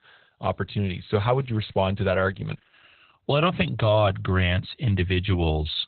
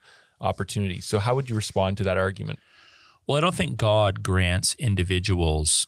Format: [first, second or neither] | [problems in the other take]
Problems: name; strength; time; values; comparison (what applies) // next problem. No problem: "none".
second | garbled, watery; badly; nothing above 4 kHz; slightly in the second